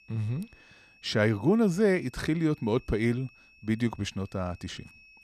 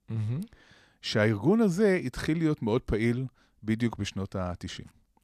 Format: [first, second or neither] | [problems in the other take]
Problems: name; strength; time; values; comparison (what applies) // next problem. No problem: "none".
second | high-pitched whine; faint; throughout; 2.5 kHz, 25 dB below the speech